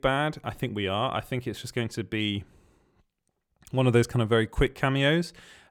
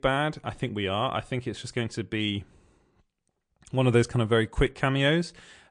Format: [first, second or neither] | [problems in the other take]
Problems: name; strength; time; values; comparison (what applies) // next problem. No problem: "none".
first | garbled, watery; slightly; nothing above 9 kHz